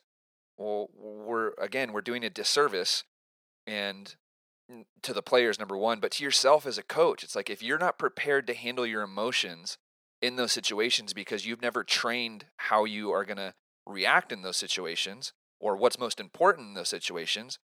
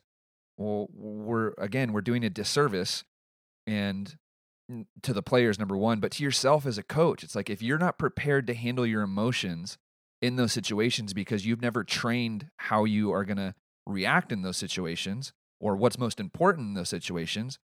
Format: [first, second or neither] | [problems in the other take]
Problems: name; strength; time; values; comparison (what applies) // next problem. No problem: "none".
second | thin; somewhat; fading below 500 Hz